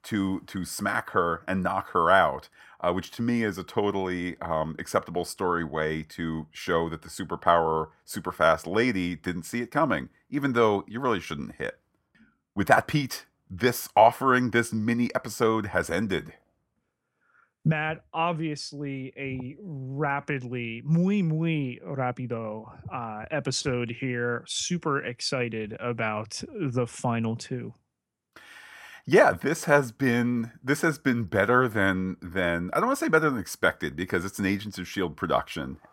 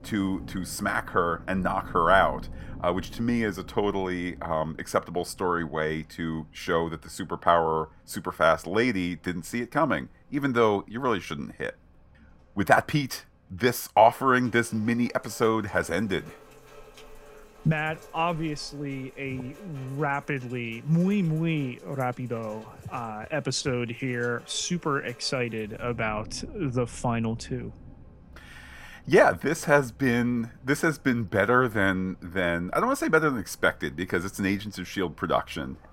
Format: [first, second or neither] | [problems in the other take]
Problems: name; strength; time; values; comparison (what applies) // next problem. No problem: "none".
first | rain or running water; faint; throughout; 20 dB below the speech